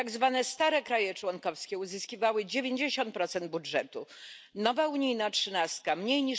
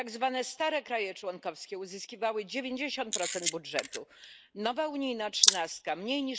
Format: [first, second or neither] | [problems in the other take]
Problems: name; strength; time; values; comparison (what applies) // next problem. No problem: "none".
first | noise reduction (neural mask model Resemble Enhance denoiser)